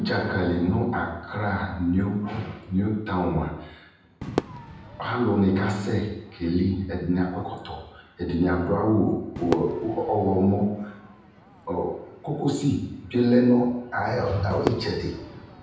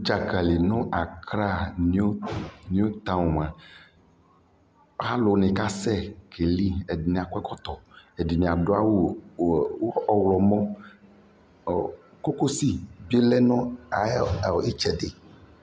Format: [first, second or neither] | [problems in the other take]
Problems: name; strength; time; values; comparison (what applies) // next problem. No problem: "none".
second | background sound (Crowd / Fireworks); 15 dB below the speech // room echo; dies away in 0.9 s